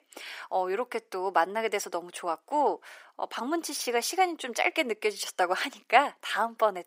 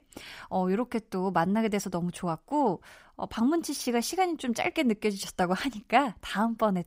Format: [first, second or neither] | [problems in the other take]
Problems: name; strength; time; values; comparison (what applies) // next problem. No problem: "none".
second | thin; very; fading below 350 Hz